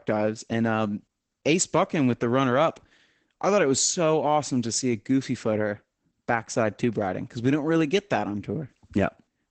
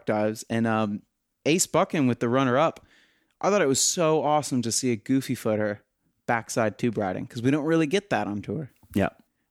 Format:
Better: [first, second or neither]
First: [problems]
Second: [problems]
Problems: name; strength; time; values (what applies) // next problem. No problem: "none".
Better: second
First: garbled, watery; badly; nothing above 8 kHz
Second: none